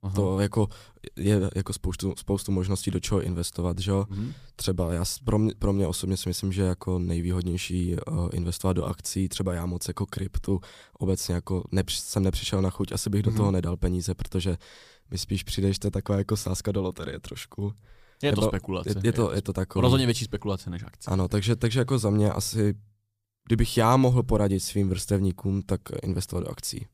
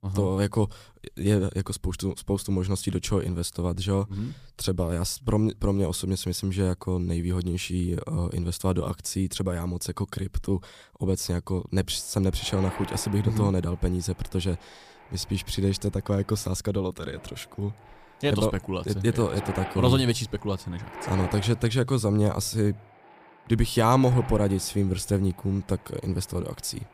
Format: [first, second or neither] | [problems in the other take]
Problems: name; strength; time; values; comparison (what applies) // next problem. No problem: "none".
first | wind noise on the microphone; occasional gusts; from 11 s on; 10 dB below the speech